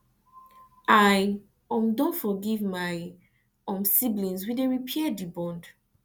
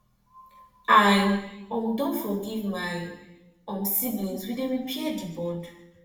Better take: first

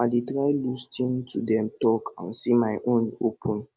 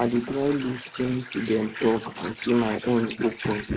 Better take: first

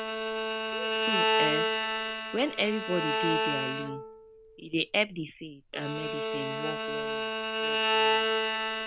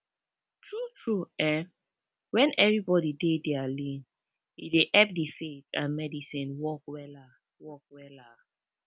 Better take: second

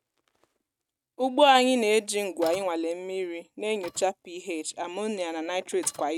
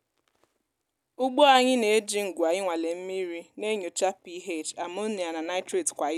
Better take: second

